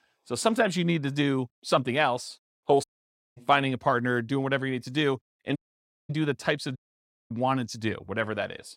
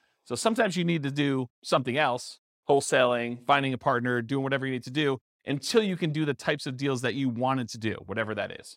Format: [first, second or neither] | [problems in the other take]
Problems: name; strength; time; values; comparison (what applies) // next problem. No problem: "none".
second | audio cutting out; at 3 s for 0.5 s, at 5.5 s for 0.5 s and at 7 s for 0.5 s